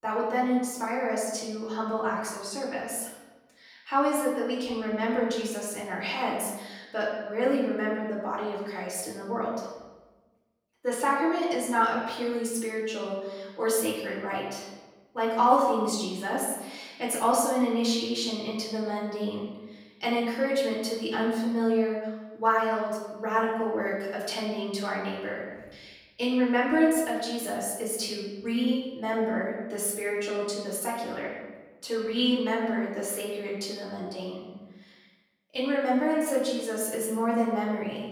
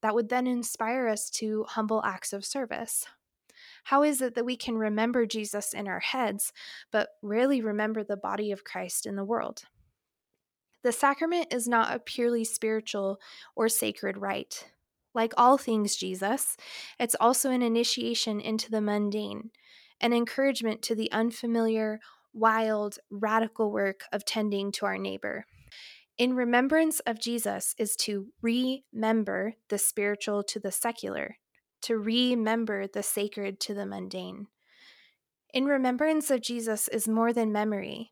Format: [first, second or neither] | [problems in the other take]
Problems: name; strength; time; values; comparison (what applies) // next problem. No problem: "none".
second | room echo; noticeable; dies away in 1.1 s // off-mic speech; far